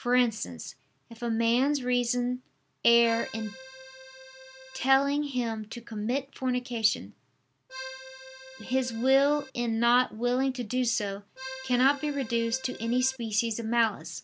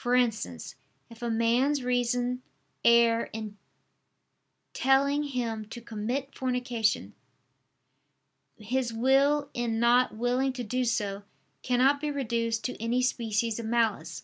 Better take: second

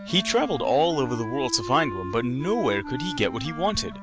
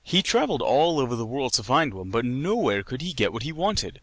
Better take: second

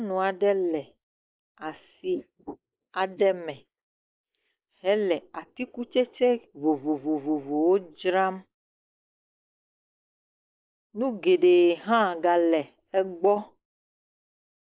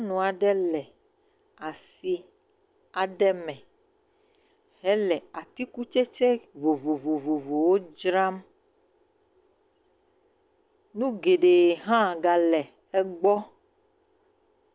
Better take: second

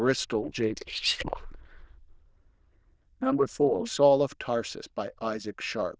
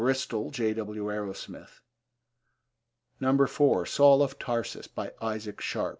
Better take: second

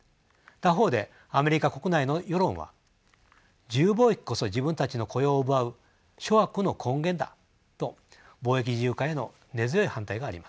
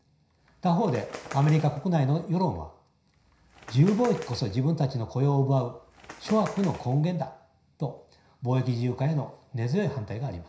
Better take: first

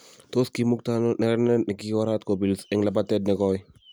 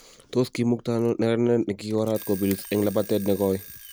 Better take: first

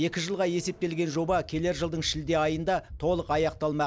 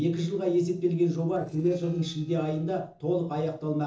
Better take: first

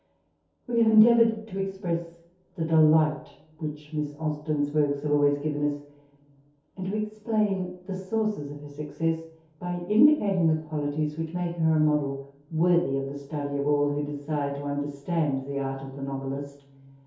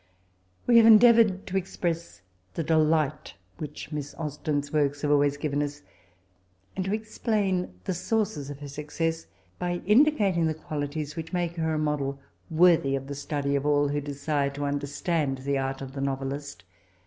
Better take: second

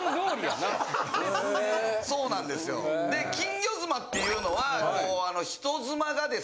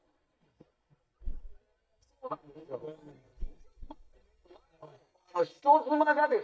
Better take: first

